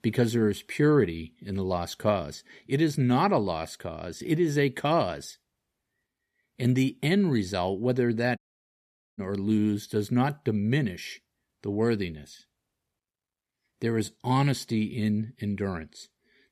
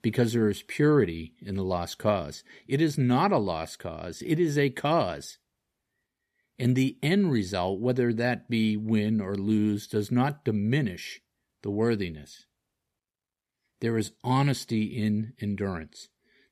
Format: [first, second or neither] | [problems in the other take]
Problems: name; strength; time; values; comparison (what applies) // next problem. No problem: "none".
second | audio cutting out; at 8.5 s for 1 s